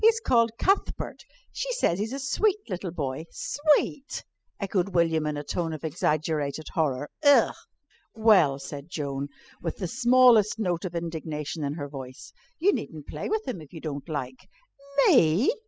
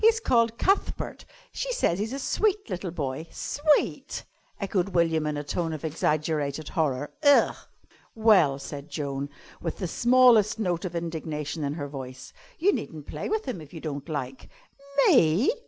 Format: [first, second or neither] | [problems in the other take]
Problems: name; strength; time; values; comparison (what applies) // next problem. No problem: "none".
second | noise reduction (classical method spectral subtraction)